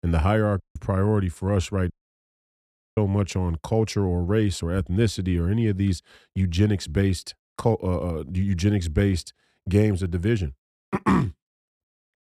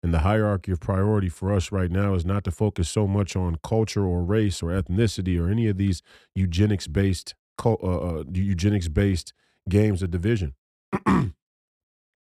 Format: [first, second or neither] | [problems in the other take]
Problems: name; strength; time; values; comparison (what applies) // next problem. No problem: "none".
second | audio cutting out; at 0.5 s and at 2 s for 1 s